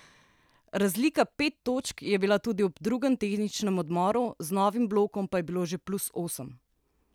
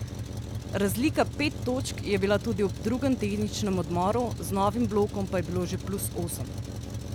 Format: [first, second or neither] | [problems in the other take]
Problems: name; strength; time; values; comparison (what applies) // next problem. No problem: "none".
first | background sound (Truck); 6 dB below the speech